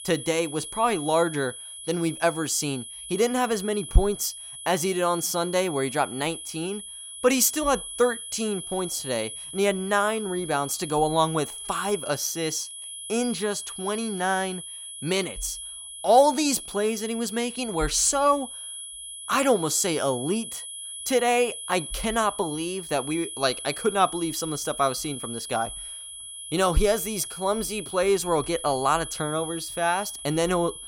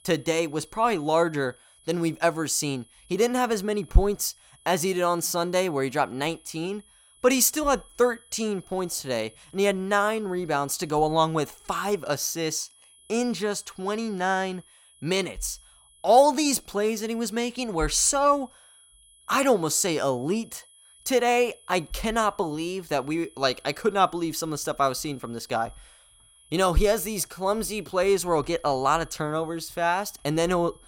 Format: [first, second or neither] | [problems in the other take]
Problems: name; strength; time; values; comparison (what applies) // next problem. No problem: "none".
second | high-pitched whine; loud; throughout; 10.5 kHz, 10 dB below the speech; faint in the second